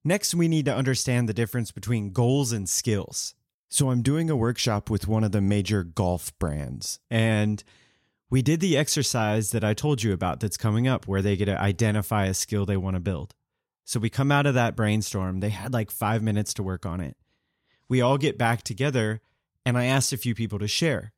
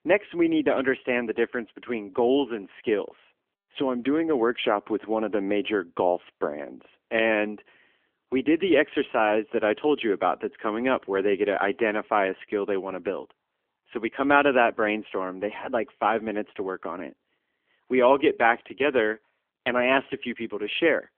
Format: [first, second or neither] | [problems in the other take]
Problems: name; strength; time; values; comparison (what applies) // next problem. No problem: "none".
first | phone-call audio; nothing above 3.5 kHz